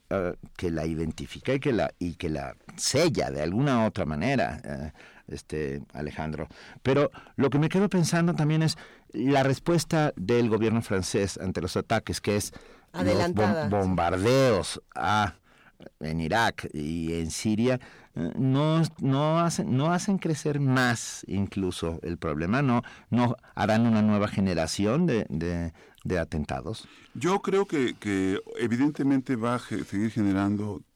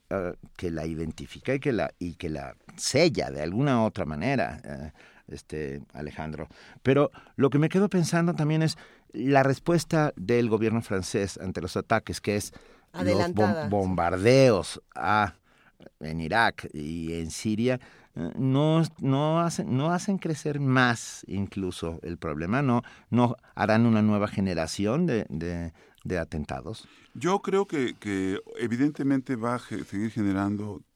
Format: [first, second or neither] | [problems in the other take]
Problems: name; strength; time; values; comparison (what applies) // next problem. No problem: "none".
second | distortion; slight; 10 dB below the speech